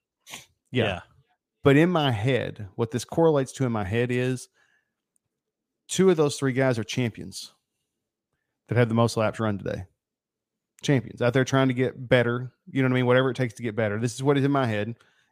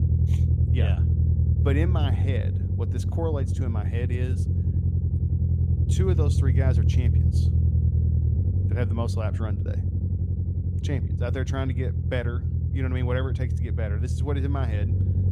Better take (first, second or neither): first